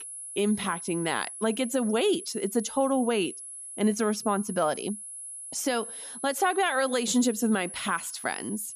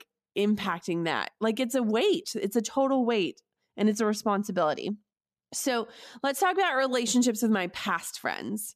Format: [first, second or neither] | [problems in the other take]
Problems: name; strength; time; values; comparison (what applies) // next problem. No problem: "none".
second | high-pitched whine; loud; throughout; 10.5 kHz, 10 dB below the speech